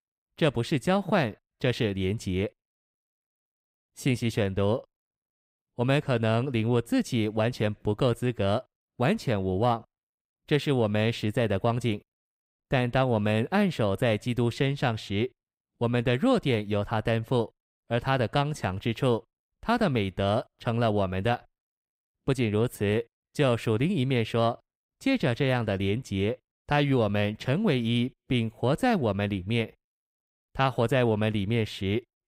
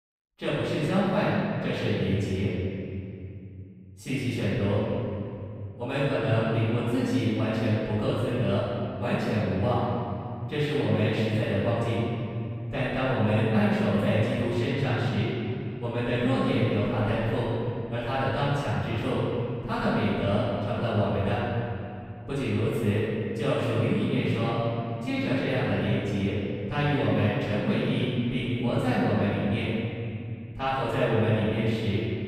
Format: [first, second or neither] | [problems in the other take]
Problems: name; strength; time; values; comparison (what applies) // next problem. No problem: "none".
first | off-mic speech; far // room echo; strong; dies away in 2.7 s